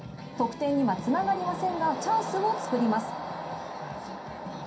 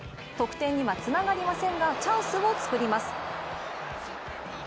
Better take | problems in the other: second | room echo; dies away in 0.3 s

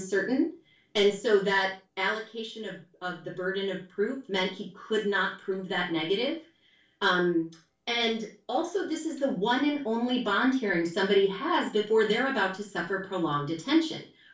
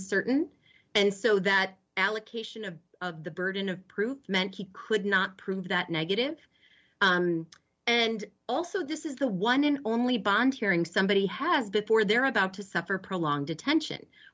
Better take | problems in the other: second | room echo; dies away in 0.3 s

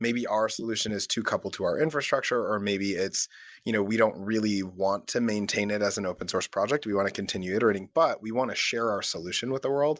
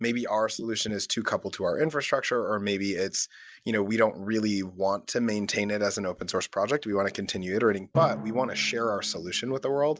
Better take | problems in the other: first | background sound (Drum); 16 dB below the speech

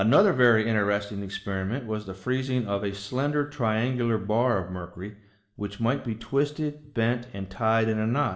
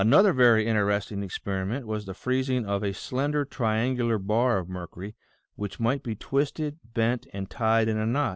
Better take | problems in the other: second | room echo; dies away in 0.6 s

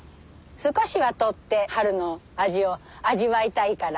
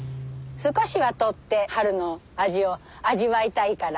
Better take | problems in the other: first | background sound (Guitar); 17 dB below the speech

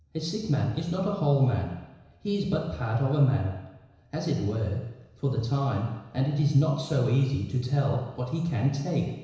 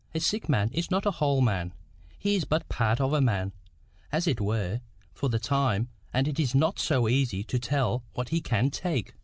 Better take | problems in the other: second | room echo; dies away in 1 s

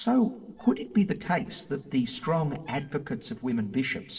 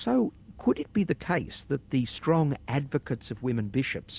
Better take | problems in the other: second | noise reduction (neural separator model SepFormer DNS4)

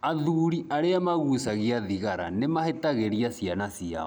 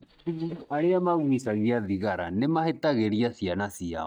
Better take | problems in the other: first | noise reduction (neural mask model DeepFilterNet 3)

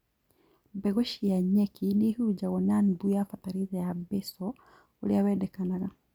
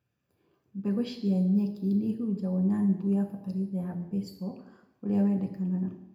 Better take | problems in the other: first | room echo; dies away in 0.7 s

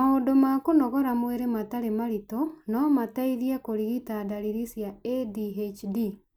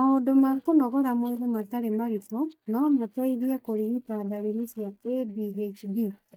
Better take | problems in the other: first | noise reduction (neural mask model DeepFilterNet 3)

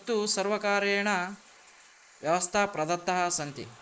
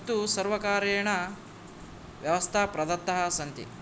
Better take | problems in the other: second | noise reduction (neural mask model Resemble Enhance denoiser)

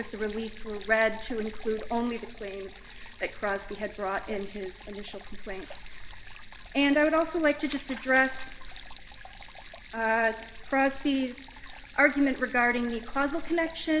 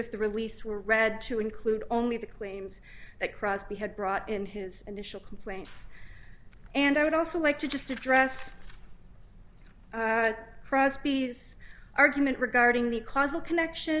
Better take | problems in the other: second | background sound (Stream); 20 dB below the speech // room echo; dies away in 1 s

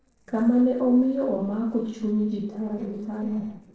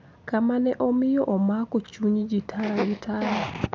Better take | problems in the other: second | noise reduction (neural separator model SepFormer DNS4)

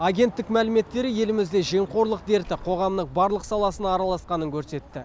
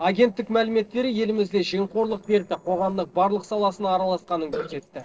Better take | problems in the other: first | noise reduction (neural separator model SepFormer DNS4)

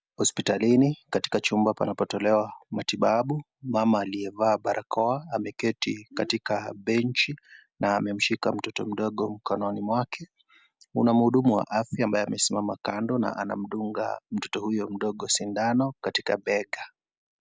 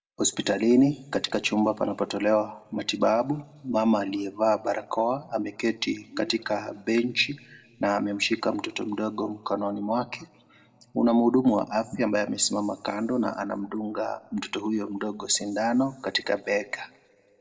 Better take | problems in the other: first | room echo; dies away in 1.3 s

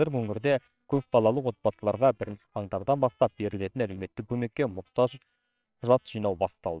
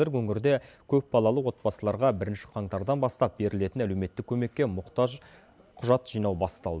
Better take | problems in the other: second | noise reduction (neural separator model SepFormer WHAMR!)

